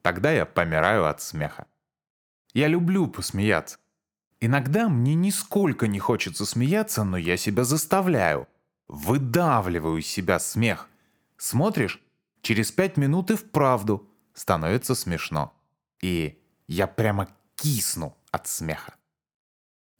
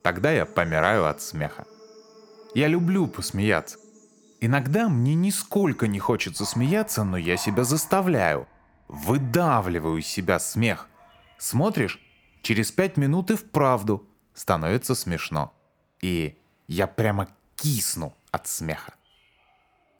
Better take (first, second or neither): first